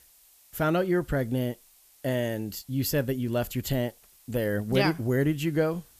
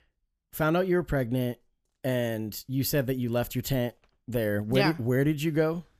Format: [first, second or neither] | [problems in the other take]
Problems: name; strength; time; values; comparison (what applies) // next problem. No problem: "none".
second | hiss; faint; throughout; 25 dB below the speech